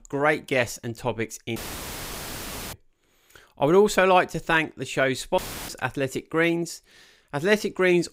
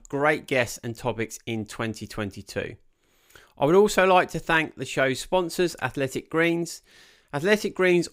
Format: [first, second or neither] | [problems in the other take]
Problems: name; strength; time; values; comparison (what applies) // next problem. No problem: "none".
second | audio cutting out; filled with static; at 1.5 s for 1 s and at 5.5 s